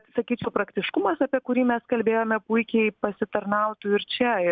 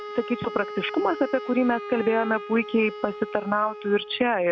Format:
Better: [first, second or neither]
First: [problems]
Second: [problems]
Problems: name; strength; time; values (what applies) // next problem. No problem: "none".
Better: first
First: none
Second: background sound (Wind instrument, woodwind instrument); 11 dB below the speech